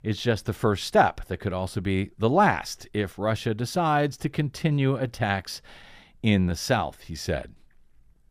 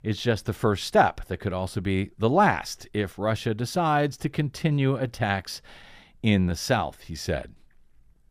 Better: neither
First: none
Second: none

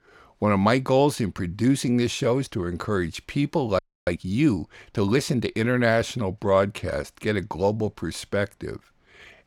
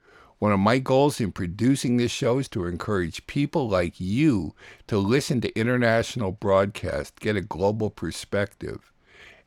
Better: second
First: audio freezing; at 4 s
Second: none

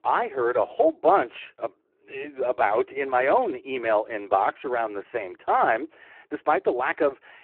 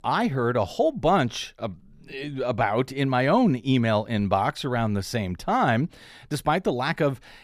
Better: second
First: phone-call audio; poor line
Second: none

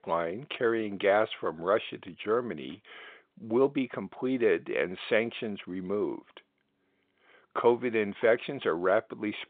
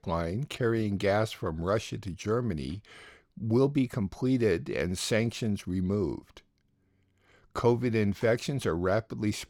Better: second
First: phone-call audio; nothing above 3.5 kHz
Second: none

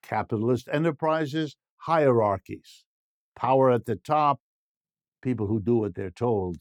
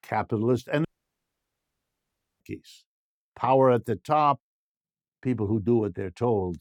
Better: first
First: none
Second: audio cutting out; at 1 s for 1.5 s

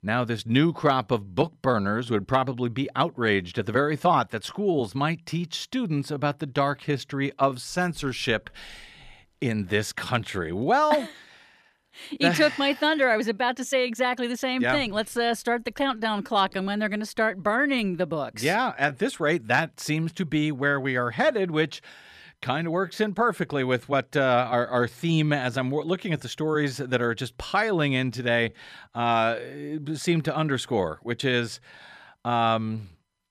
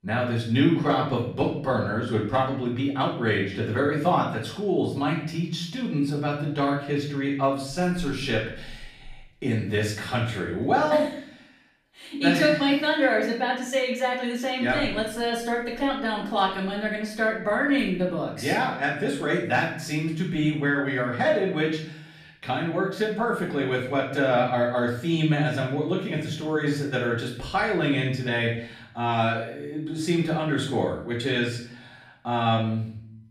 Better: first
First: none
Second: room echo; noticeable; dies away in 0.6 s // off-mic speech; far

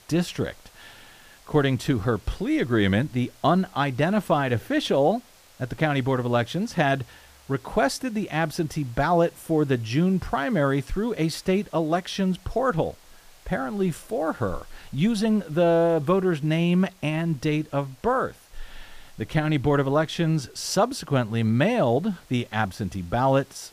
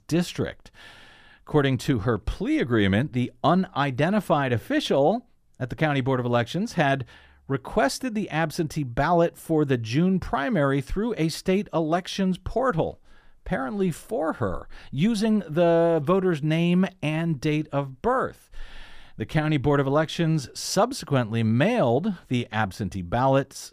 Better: second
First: hiss; faint; throughout; 30 dB below the speech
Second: none

